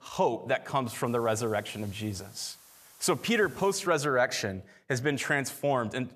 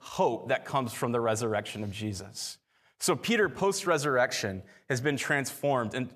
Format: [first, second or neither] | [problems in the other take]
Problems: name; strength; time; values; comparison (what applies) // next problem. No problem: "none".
second | hiss; faint; from 1 to 4 s; 25 dB below the speech